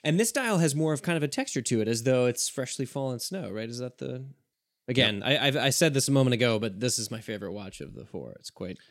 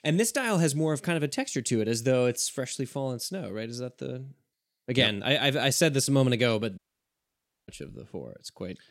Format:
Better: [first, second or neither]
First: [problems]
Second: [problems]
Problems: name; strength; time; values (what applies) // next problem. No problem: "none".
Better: first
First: none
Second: audio cutting out; at 7 s for 1 s